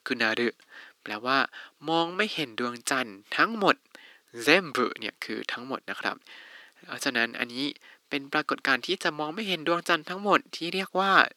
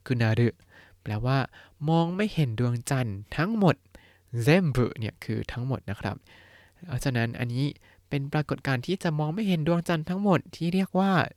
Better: second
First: thin; somewhat; fading below 250 Hz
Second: none

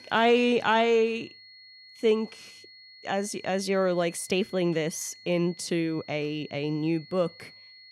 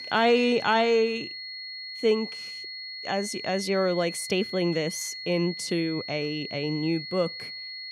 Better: first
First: high-pitched whine; faint; throughout; 4.5 kHz, 20 dB below the speech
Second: high-pitched whine; loud; throughout; 4.5 kHz, 9 dB below the speech

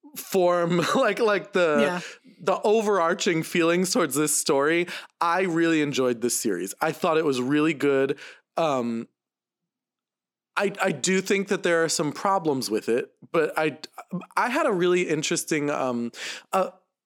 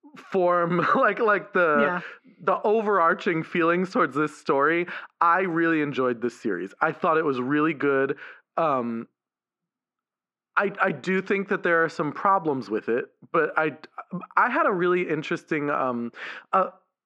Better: first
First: none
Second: muffled; very; fading above 2 kHz

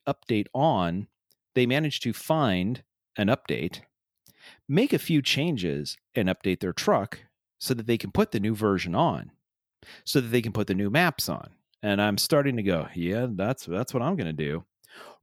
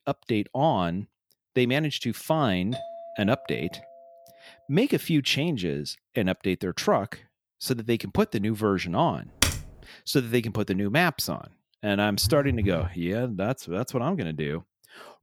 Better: first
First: none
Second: doorbell; faint; from 2.5 to 4.5 s; peak 10 dB below the speech // keyboard typing; loud; at 9.5 s; peak 1 dB above the speech // phone ringing; noticeable; at 12 s; peak 4 dB below the speech

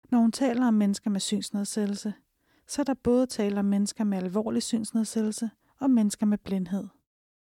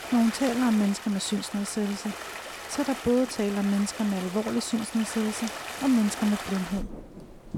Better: first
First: none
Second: rain or running water; loud; throughout; 9 dB below the speech

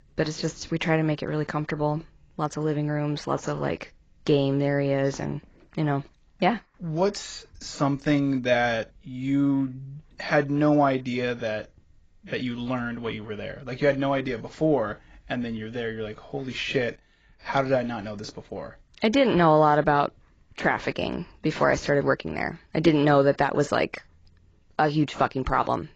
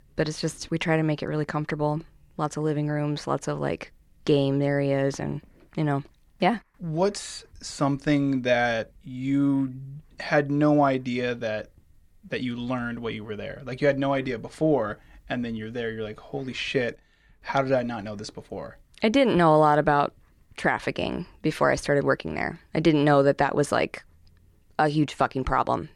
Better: second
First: garbled, watery; badly; nothing above 7.5 kHz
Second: none

